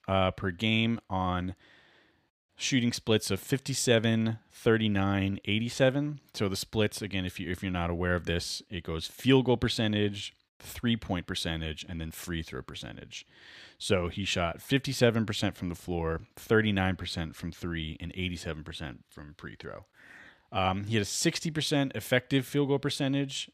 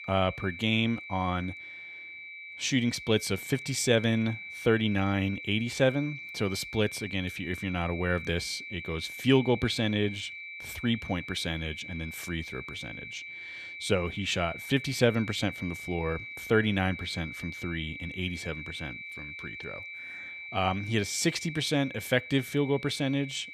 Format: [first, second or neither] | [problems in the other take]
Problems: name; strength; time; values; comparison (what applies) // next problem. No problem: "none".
first | high-pitched whine; loud; throughout; 2.5 kHz, 10 dB below the speech